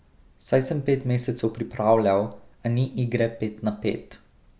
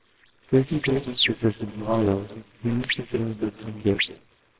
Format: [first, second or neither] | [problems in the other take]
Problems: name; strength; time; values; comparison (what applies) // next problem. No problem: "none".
first | noise reduction (neural separator model SepFormer WHAMR!)